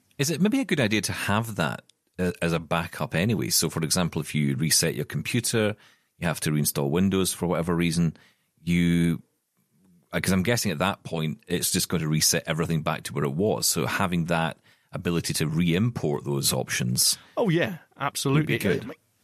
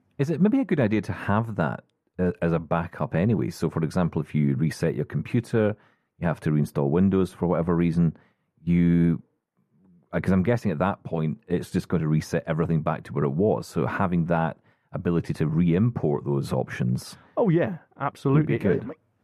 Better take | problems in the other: first | muffled; very; fading above 2.5 kHz

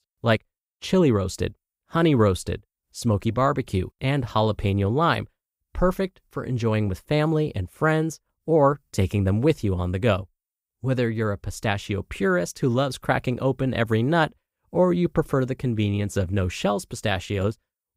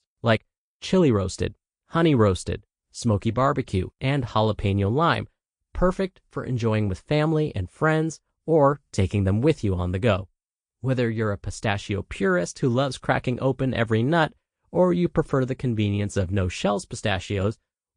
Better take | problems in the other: first | garbled, watery; slightly

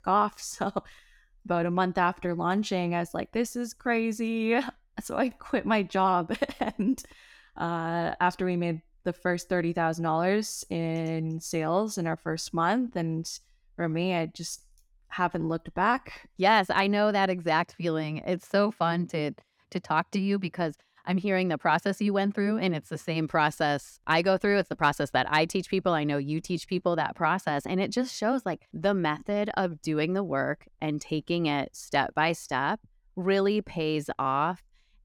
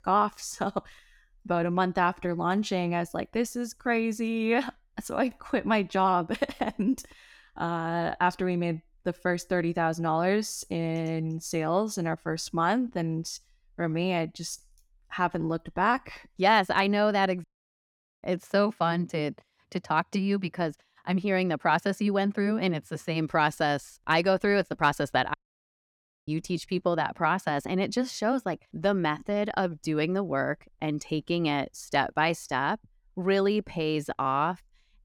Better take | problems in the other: first | audio cutting out; at 17 s for 1 s and at 25 s for 1 s

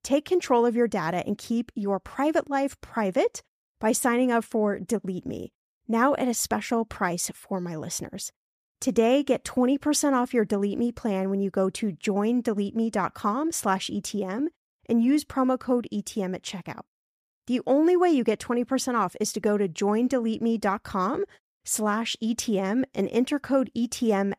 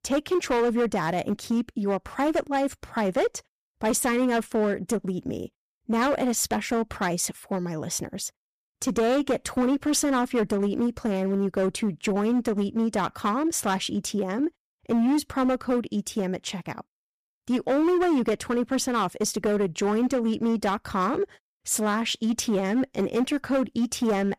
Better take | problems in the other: first | distortion; slight; 11% of the sound clipped

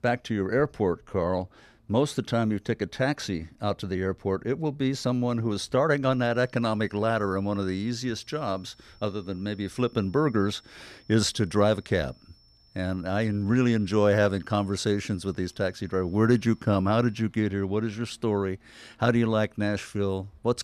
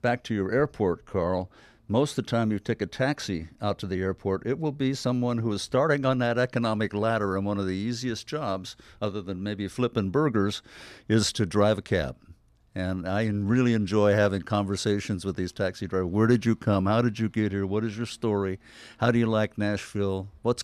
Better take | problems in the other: second | high-pitched whine; faint; from 6 to 17 s; 5.5 kHz, 30 dB below the speech

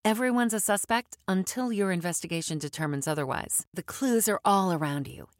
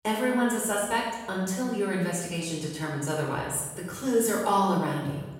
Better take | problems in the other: first | off-mic speech; far // room echo; noticeable; dies away in 1.1 s

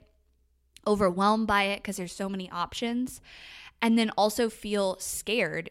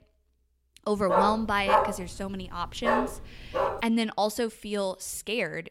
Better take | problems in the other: first | dog barking; loud; from 1 to 4 s; peak 5 dB above the speech

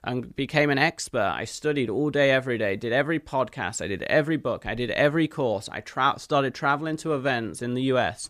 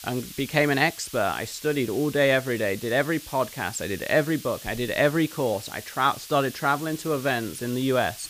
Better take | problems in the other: first | hiss; noticeable; throughout; 15 dB below the speech

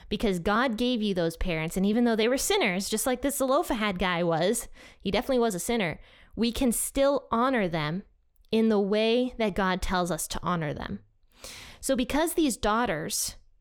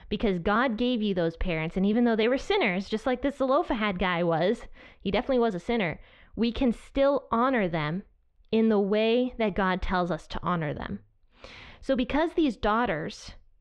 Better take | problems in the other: first | muffled; slightly; fading above 3.5 kHz

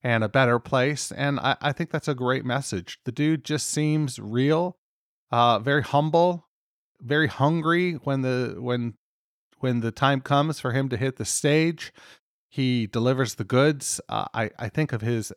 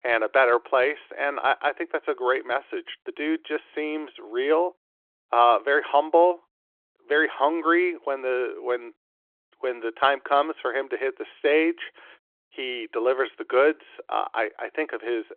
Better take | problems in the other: first | phone-call audio; nothing above 3.5 kHz

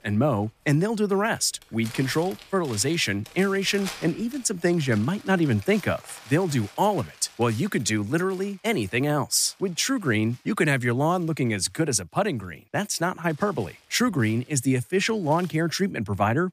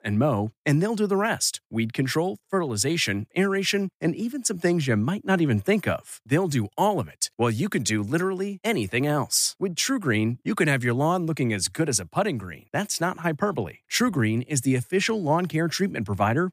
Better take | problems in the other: second | household noises; noticeable; throughout; 20 dB below the speech

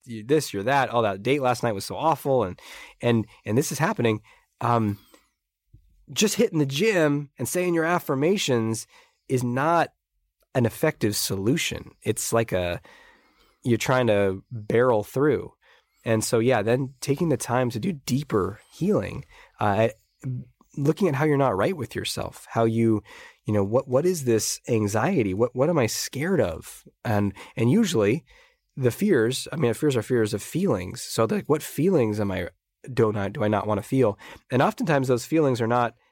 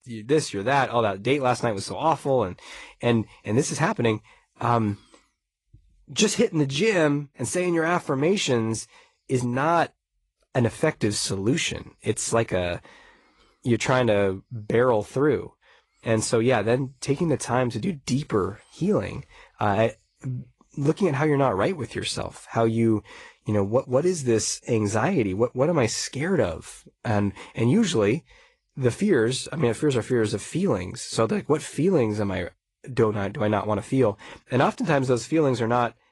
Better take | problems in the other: first | garbled, watery; slightly; nothing above 10.5 kHz

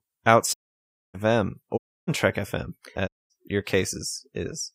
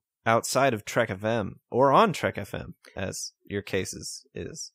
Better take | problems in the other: second | audio cutting out; at 0.5 s for 0.5 s, at 2 s and at 3 s

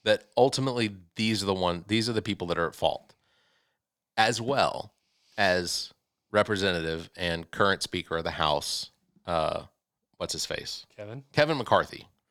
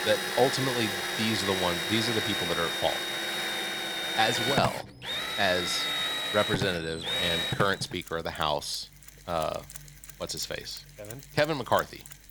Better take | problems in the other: first | machinery noise; very loud; throughout; 1 dB above the speech

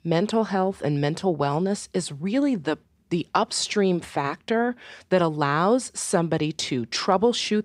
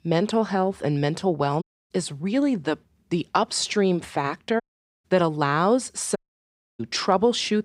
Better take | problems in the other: first | audio cutting out; at 1.5 s, at 4.5 s and at 6 s for 0.5 s

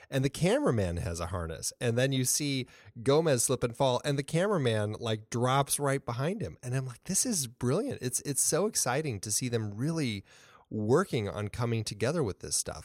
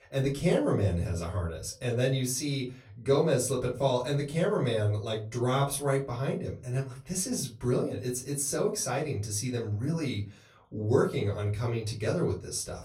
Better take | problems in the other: first | off-mic speech; far // room echo; very slight; dies away in 0.3 s

